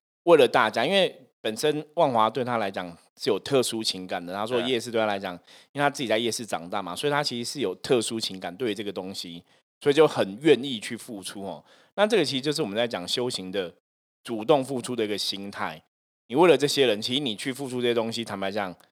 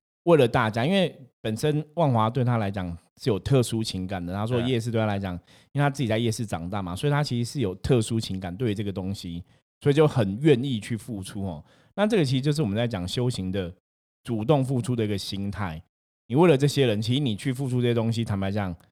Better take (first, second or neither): second